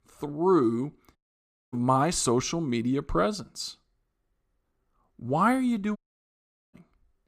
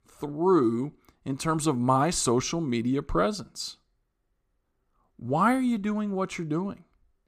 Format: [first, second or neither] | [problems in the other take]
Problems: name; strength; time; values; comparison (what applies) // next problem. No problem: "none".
second | audio cutting out; at 1 s for 0.5 s and at 6 s for 1 s